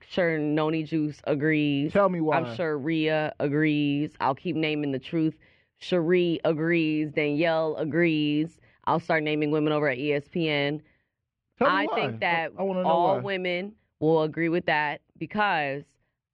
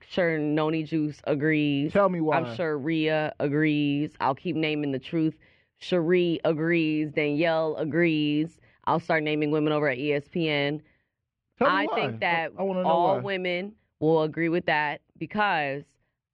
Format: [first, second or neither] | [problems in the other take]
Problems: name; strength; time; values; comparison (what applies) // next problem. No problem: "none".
neither | muffled; very; fading above 3 kHz; the same in both